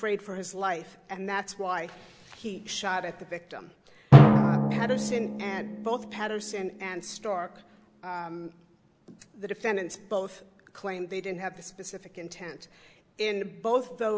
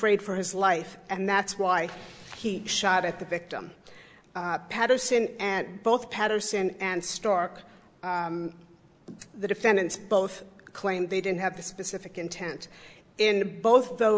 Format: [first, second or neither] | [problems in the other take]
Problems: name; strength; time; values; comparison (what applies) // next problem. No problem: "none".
second | background sound (Drum); 5 dB above the speech